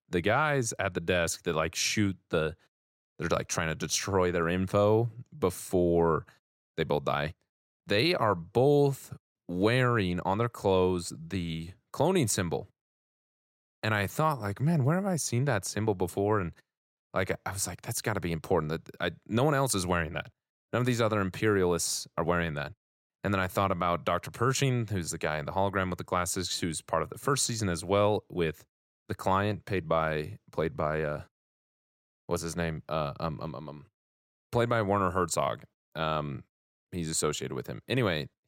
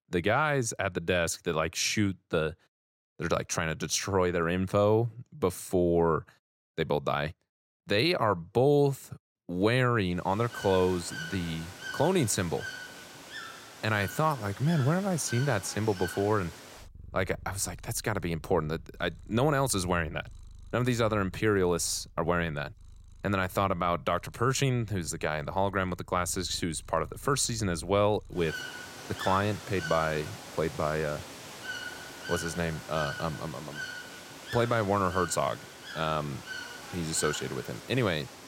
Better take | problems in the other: first | animal sounds; noticeable; from 10 s on; 15 dB below the speech

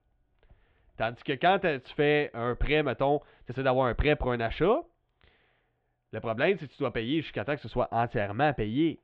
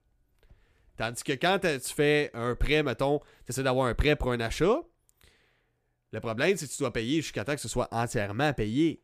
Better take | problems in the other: second | muffled; very; fading above 3.5 kHz

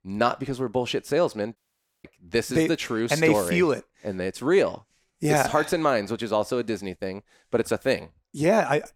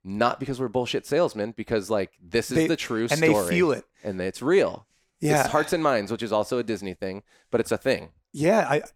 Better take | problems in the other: second | audio cutting out; at 1.5 s

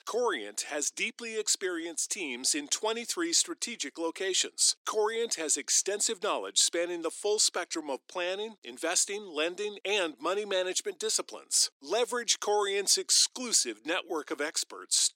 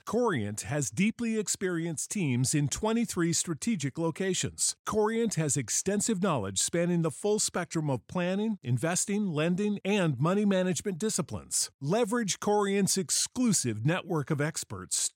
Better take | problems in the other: second | thin; very; fading below 300 Hz

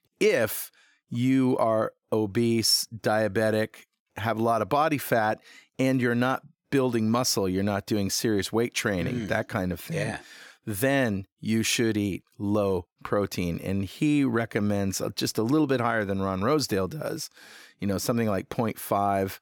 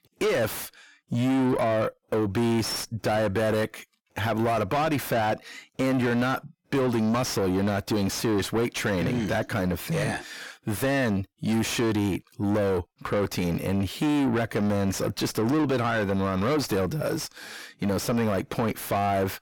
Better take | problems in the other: first | distortion; heavy; 7 dB below the speech

